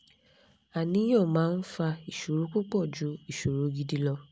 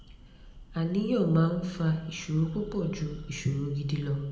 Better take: first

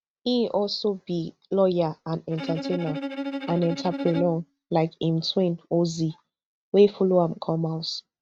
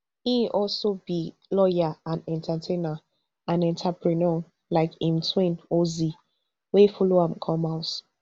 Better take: second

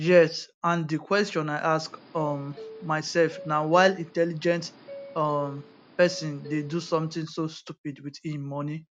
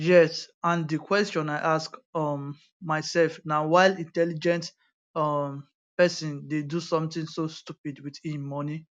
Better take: second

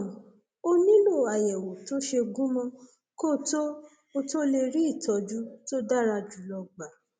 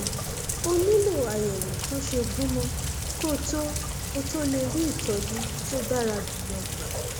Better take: first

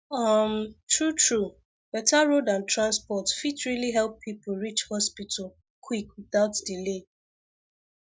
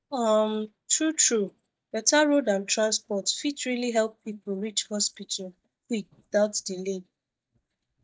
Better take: first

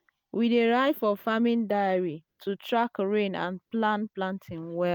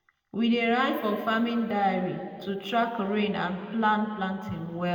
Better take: first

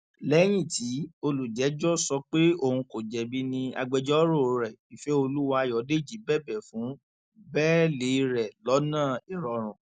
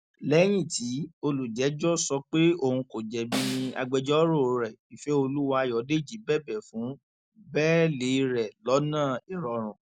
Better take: first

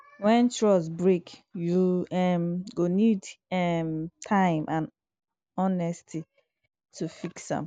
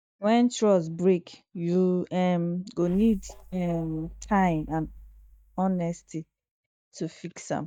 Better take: first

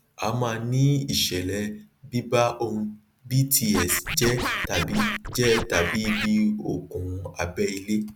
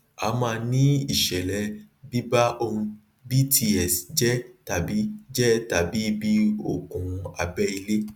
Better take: second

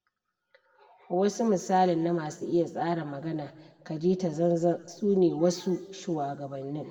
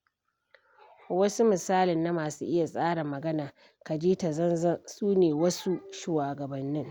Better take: second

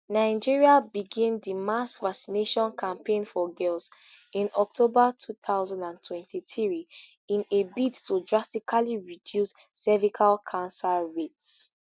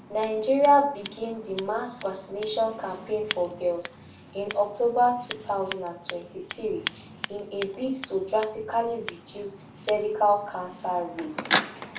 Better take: first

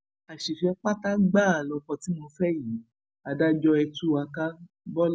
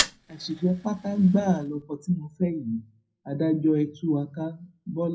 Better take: first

